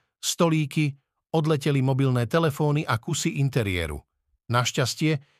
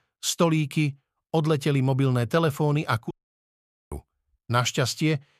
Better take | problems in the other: first | audio cutting out; at 3 s for 1 s

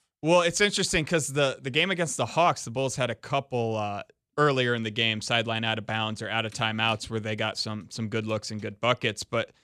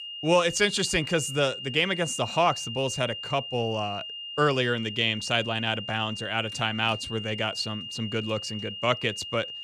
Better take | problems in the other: first | high-pitched whine; loud; throughout; 3 kHz, 8 dB below the speech

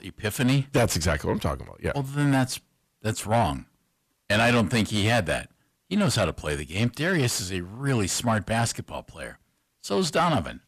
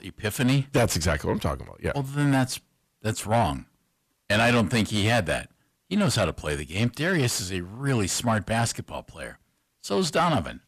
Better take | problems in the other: neither | distortion; heavy; 7 dB below the speech; the same in both

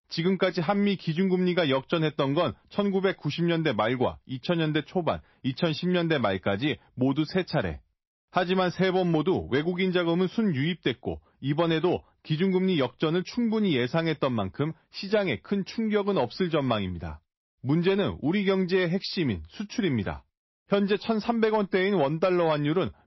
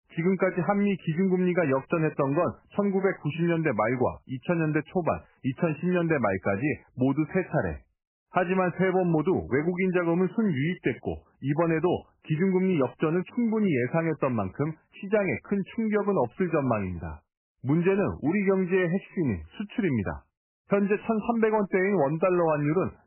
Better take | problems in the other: first | garbled, watery; badly; nothing above 3 kHz; slightly in the first

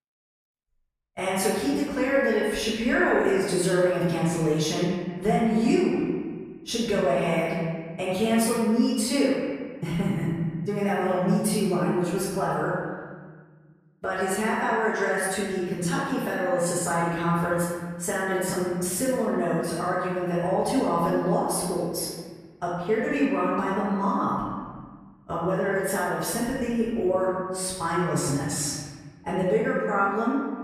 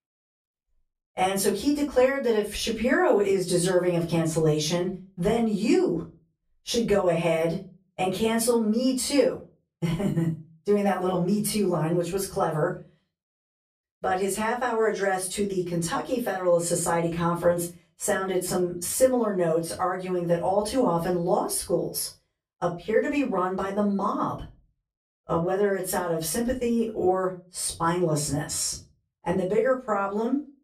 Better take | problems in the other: second | room echo; strong; dies away in 1.6 s; slight in the second // off-mic speech; far; far in the second

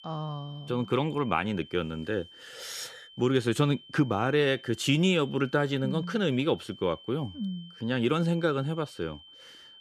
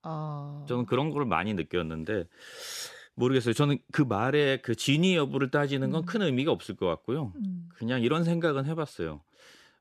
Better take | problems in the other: second | high-pitched whine; faint; throughout; 3 kHz, 20 dB below the speech

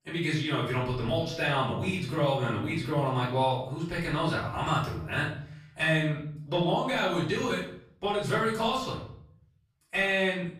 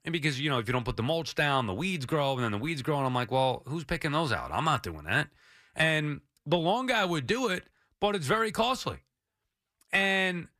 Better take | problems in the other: second | off-mic speech; far // room echo; noticeable; dies away in 0.6 s

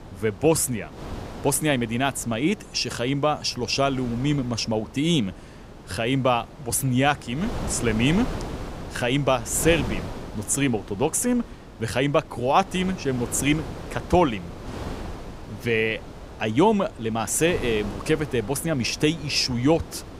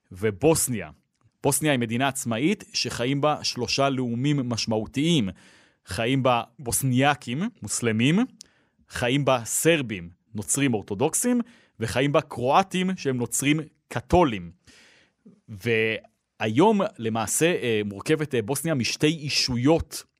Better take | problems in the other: second | wind noise on the microphone; occasional gusts; 15 dB below the speech

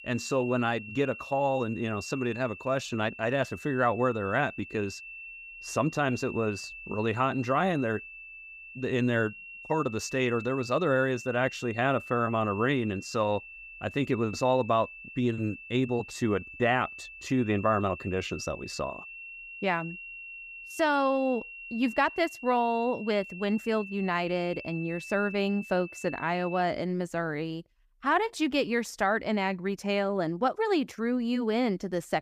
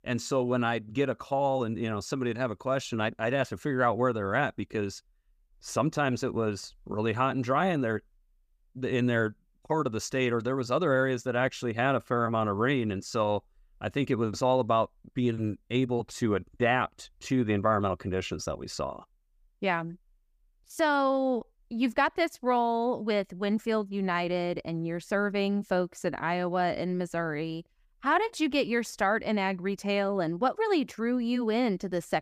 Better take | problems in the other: second | high-pitched whine; noticeable; until 27 s; 2.5 kHz, 15 dB below the speech

